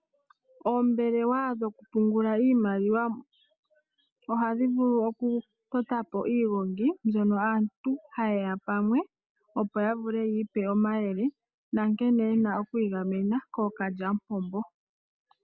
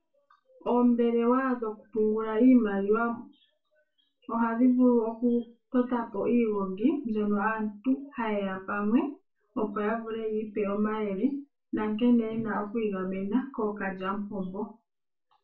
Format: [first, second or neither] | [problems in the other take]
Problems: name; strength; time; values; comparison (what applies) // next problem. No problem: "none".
first | room echo; dies away in 0.3 s